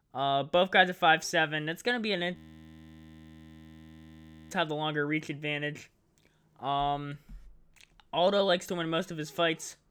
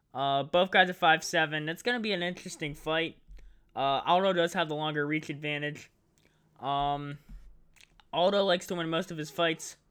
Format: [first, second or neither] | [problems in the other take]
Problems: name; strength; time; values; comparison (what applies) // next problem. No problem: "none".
second | audio freezing; at 2.5 s for 2 s